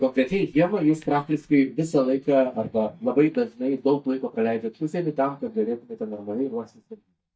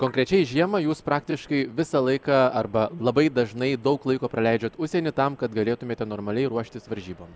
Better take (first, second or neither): second